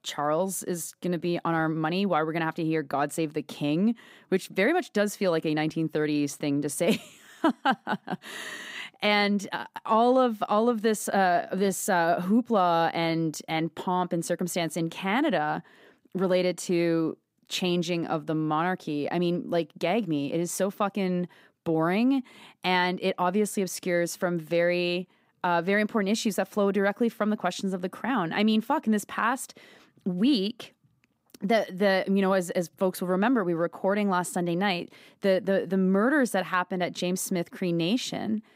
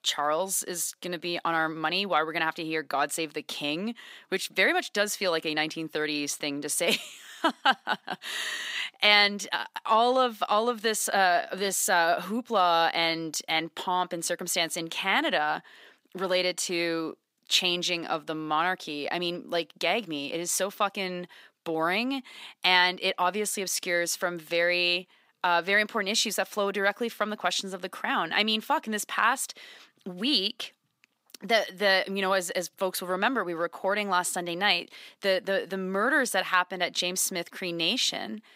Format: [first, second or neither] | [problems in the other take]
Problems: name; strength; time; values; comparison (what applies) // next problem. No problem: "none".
first | thin; somewhat; fading below 1 kHz